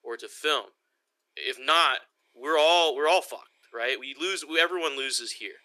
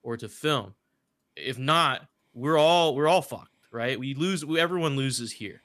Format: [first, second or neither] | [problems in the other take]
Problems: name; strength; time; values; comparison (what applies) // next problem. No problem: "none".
second | thin; very; fading below 350 Hz